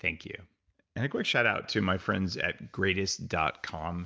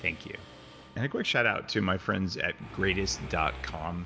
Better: first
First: none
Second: background sound (Mechanisms); 14 dB below the speech

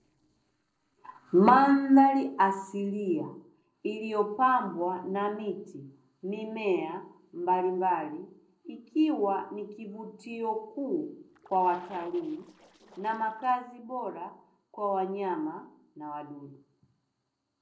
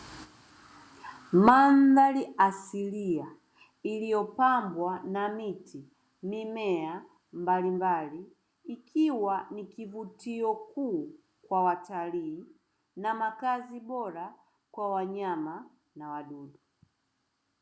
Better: second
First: noise reduction (neural separator model SepFormer DNS4)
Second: none

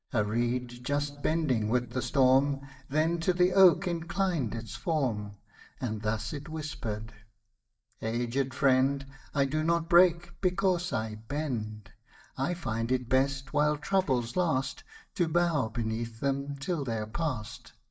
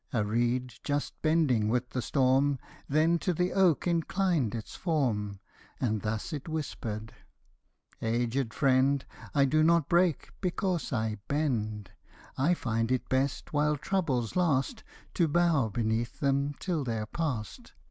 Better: second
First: noise reduction (neural mask model DeepFilterNet 3)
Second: none

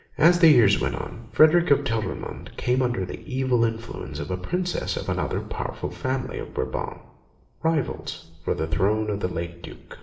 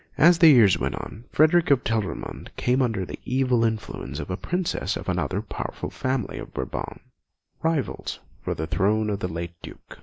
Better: second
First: room echo; dies away in 1.3 s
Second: none

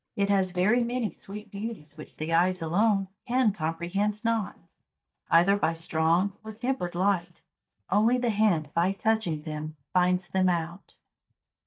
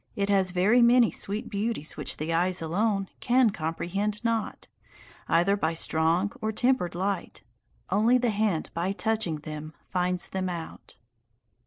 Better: second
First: noise reduction (neural mask model DeepFilterNet 3)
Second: none

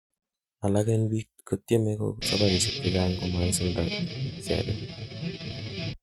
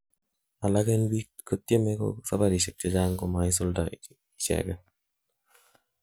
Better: second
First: noise reduction (neural mask model RNNoise)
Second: none

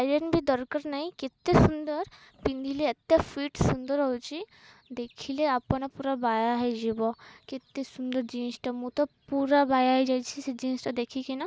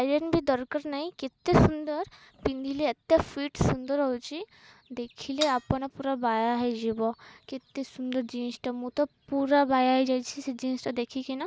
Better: first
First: none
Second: background sound (Cutlery, silverware / Dishes, pots, and pans); 10 dB below the speech

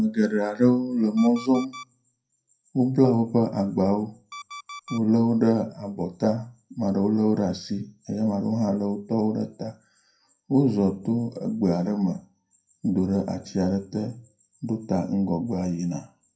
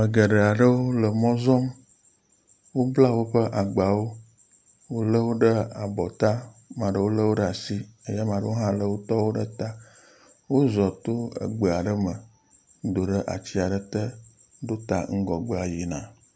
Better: second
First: noise reduction (classical method WPE with log-MMSE)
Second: none

